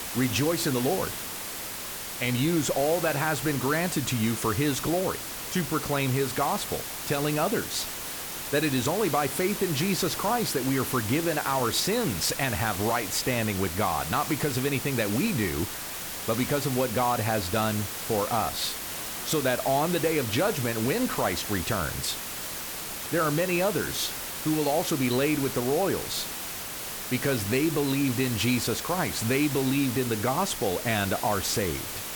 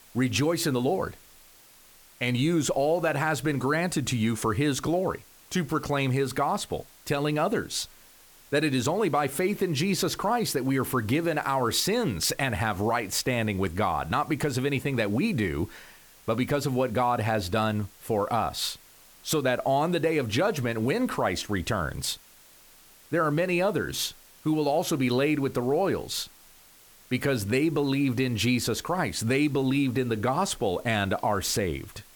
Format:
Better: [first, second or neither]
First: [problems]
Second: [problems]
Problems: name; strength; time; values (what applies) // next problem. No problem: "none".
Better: second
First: hiss; loud; throughout; 5 dB below the speech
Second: hiss; faint; throughout; 25 dB below the speech